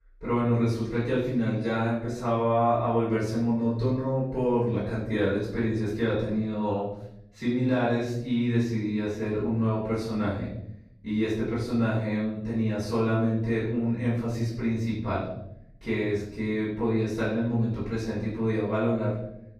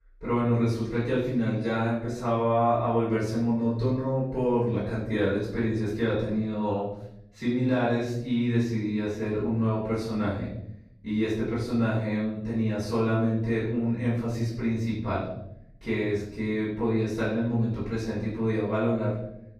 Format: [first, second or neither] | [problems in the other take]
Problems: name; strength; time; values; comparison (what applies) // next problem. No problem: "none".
neither | off-mic speech; far; the same in both // room echo; noticeable; dies away in 0.8 s; the same in both